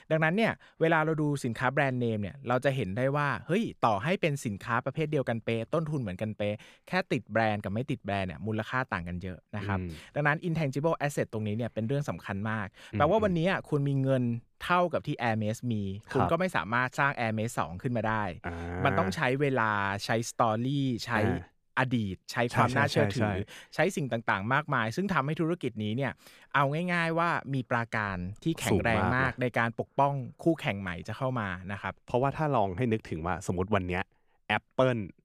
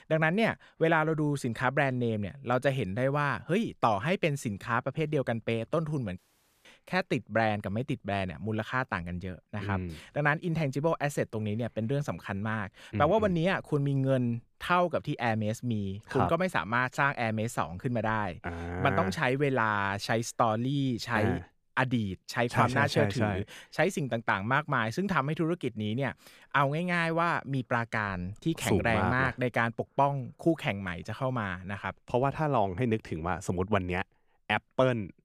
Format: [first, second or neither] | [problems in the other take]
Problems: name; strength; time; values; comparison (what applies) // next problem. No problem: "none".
first | audio cutting out; at 6 s